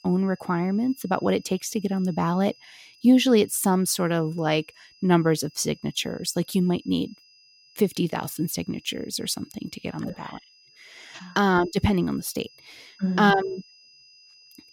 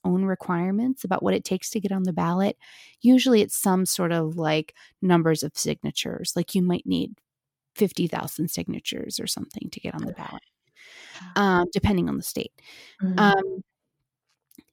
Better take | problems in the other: second | high-pitched whine; faint; throughout; 5 kHz, 30 dB below the speech

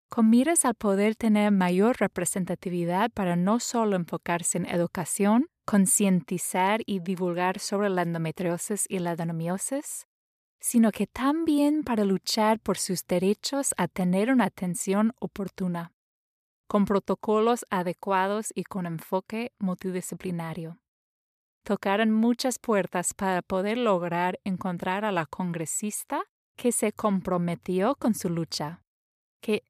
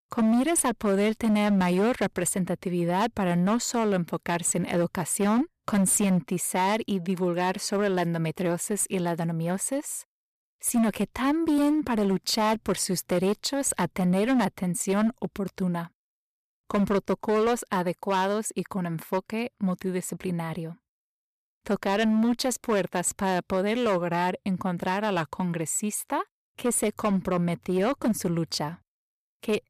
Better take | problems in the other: first | distortion; slight; 10% of the sound clipped

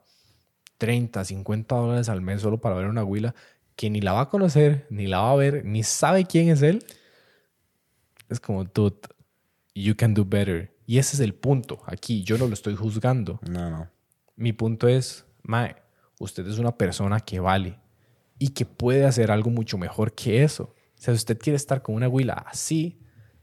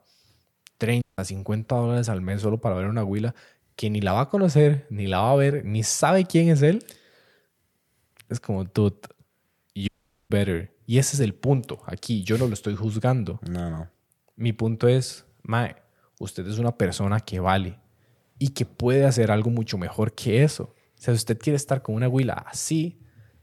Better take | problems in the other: first | audio cutting out; at 1 s and at 10 s

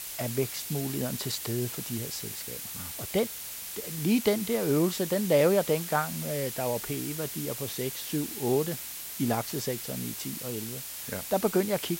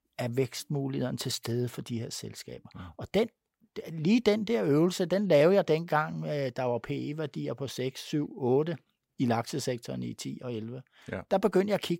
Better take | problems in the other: second | hiss; loud; throughout; 6 dB below the speech

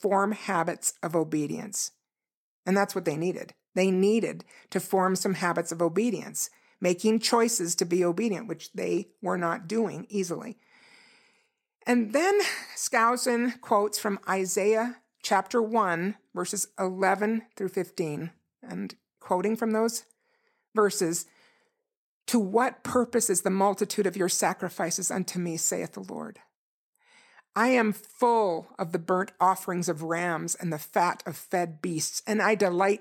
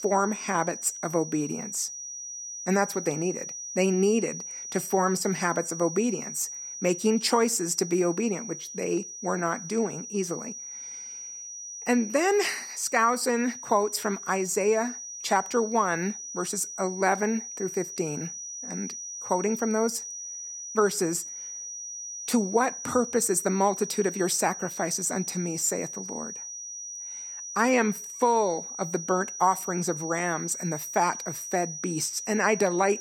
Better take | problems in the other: first | high-pitched whine; loud; throughout; 6 kHz, 8 dB below the speech

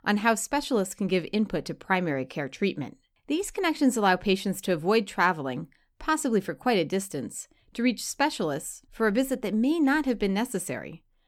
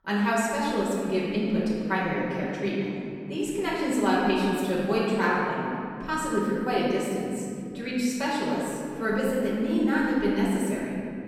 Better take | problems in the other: first | off-mic speech; far // room echo; strong; dies away in 2.5 s

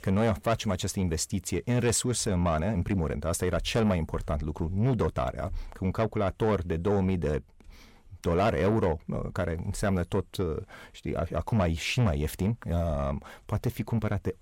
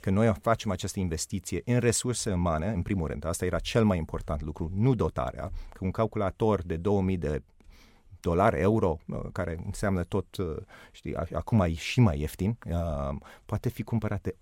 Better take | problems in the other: second | distortion; slight; 10 dB below the speech

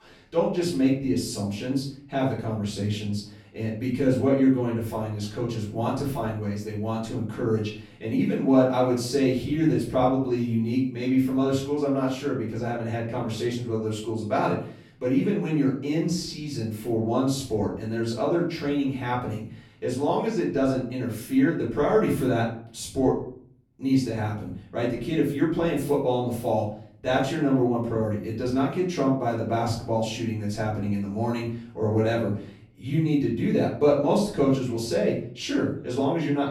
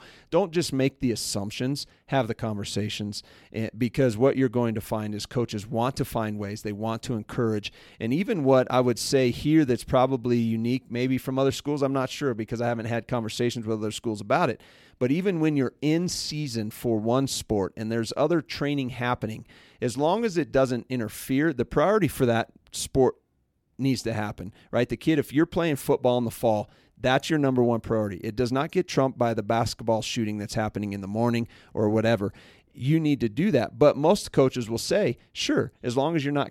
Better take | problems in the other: second | off-mic speech; far // room echo; noticeable; dies away in 0.5 s

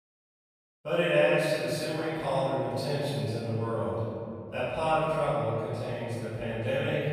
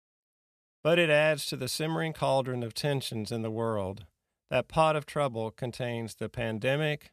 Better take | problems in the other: second | off-mic speech; far // room echo; strong; dies away in 2.5 s

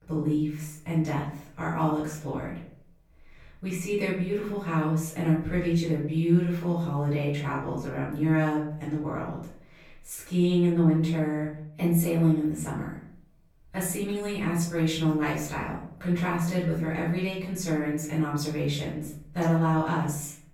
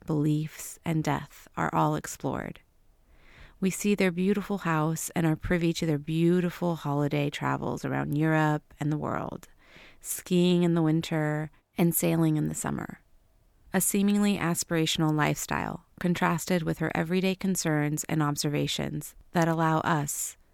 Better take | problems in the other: second | room echo; noticeable; dies away in 0.6 s // off-mic speech; far

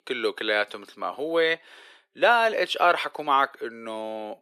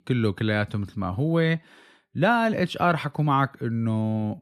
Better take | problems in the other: second | thin; very; fading below 450 Hz

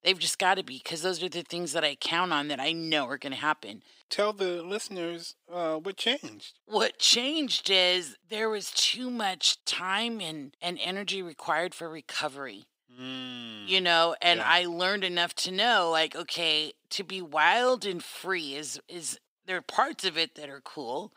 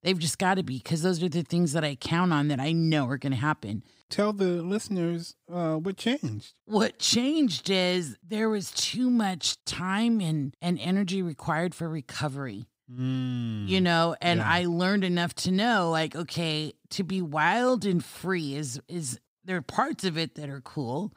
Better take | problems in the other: second | thin; somewhat; fading below 500 Hz

